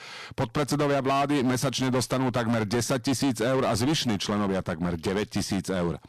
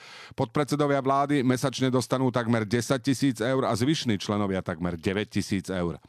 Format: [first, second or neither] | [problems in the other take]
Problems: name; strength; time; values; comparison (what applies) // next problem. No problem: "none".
second | distortion; heavy; 20% of the sound clipped